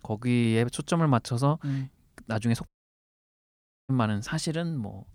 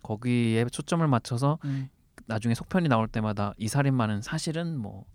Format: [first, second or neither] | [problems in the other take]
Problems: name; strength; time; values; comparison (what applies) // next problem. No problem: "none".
second | audio cutting out; at 2.5 s for 1 s